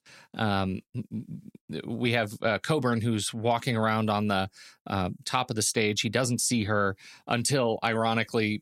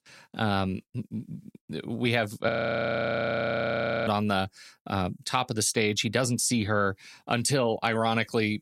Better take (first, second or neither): first